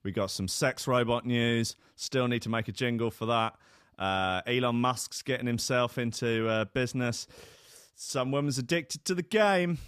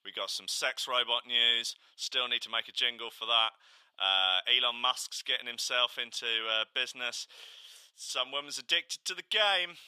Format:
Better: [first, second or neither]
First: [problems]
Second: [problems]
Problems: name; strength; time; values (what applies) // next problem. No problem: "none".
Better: first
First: none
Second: thin; very; fading below 850 Hz